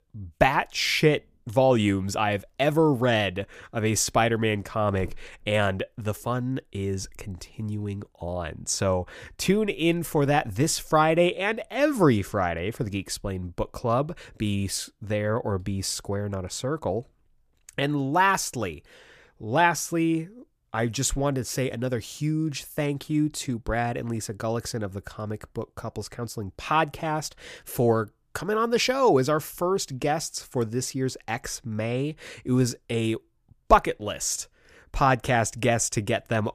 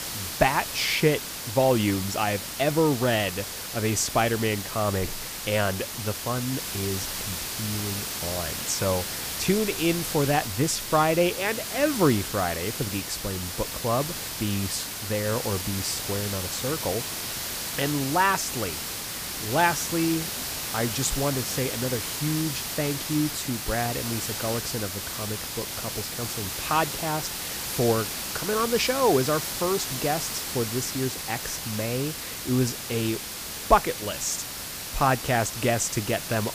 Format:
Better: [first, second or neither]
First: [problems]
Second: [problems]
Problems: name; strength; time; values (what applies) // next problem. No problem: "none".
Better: first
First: none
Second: hiss; loud; throughout; 4 dB below the speech